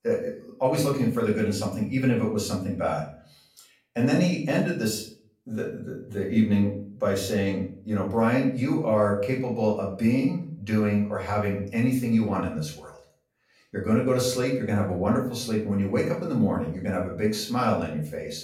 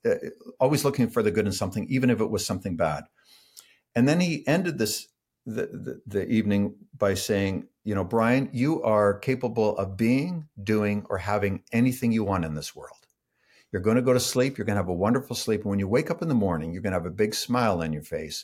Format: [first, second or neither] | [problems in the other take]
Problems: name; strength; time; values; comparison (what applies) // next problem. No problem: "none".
second | off-mic speech; far // room echo; slight; dies away in 0.4 s